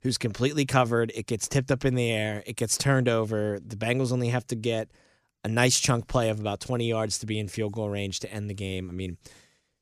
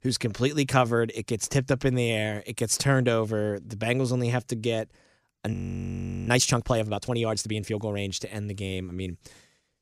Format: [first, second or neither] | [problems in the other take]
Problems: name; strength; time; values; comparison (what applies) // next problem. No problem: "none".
first | audio freezing; at 5.5 s for 0.5 s